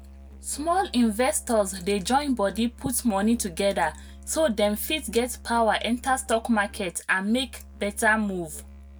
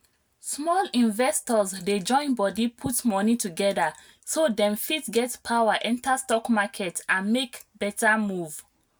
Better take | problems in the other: second | background sound (Musical instrument); 18 dB below the speech

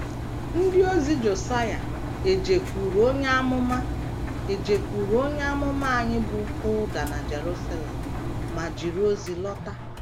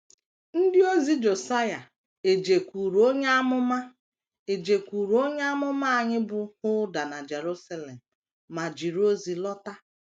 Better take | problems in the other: second | background sound (Engine); 4 dB below the speech

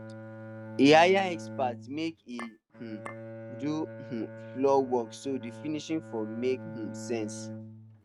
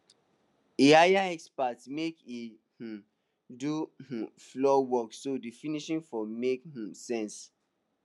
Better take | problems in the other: second | noise reduction (neural mask model RNNoise)

